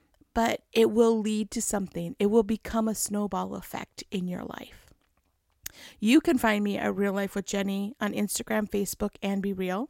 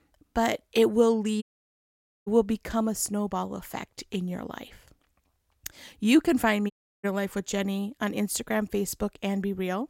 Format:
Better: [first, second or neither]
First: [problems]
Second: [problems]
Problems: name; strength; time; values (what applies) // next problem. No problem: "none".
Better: first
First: none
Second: audio cutting out; at 1.5 s for 1 s and at 6.5 s